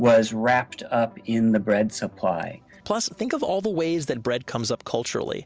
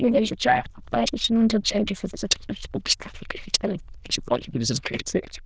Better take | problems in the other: first | noise reduction (neural diffusion model UNIVERSE++)

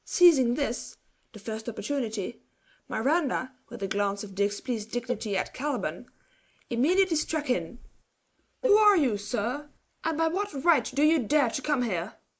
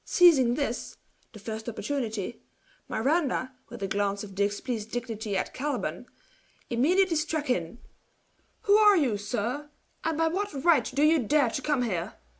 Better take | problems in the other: second | noise reduction (neural mask model Resemble Enhance denoiser)

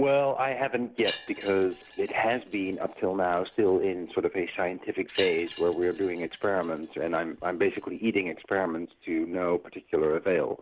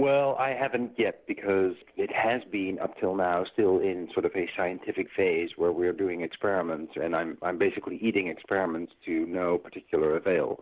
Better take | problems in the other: second | background sound (Wind chime); 17 dB below the speech

